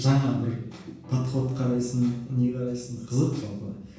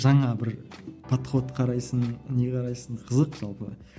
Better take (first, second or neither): second